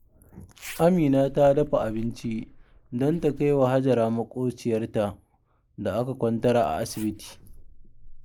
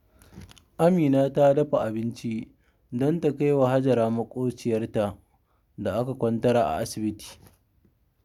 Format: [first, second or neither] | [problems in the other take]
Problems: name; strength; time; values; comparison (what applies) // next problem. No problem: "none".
second | noise reduction (neural mask model Resemble Enhance denoiser)